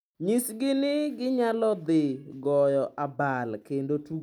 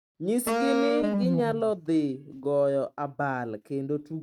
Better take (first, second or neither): first